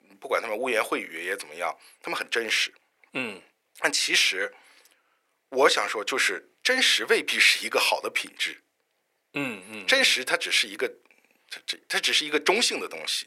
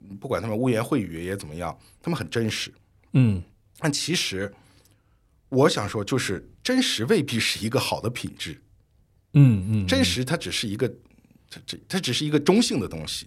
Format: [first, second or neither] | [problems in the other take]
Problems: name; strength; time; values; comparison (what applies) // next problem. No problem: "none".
second | thin; very; fading below 450 Hz